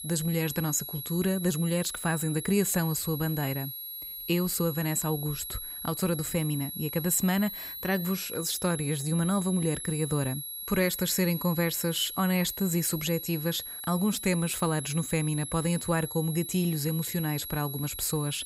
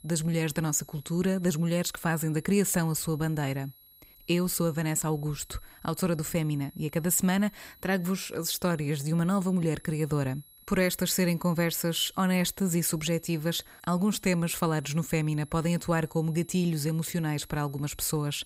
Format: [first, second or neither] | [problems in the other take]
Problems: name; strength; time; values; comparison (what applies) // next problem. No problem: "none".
second | high-pitched whine; loud; throughout; 11.5 kHz, 7 dB below the speech; faint in the second